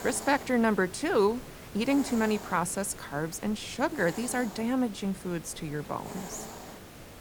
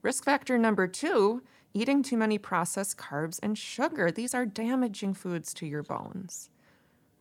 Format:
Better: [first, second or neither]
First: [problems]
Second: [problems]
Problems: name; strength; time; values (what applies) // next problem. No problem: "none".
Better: second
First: hiss; noticeable; throughout; 15 dB below the speech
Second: none